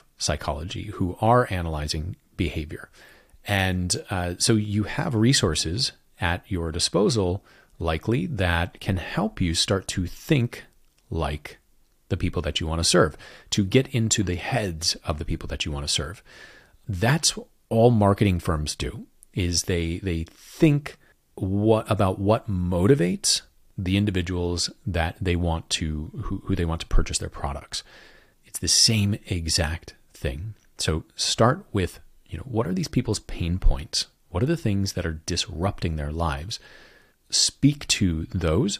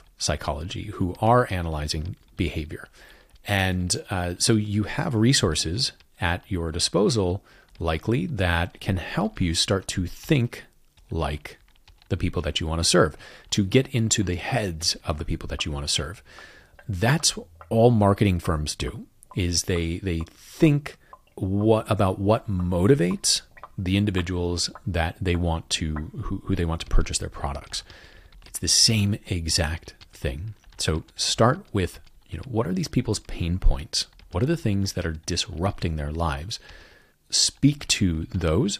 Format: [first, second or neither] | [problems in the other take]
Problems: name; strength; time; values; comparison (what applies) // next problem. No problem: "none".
first | household noises; faint; throughout; 30 dB below the speech